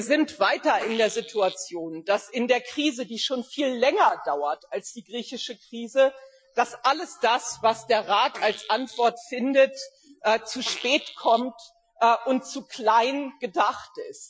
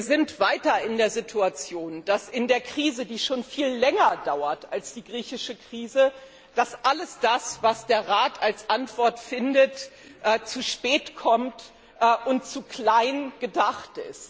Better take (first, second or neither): second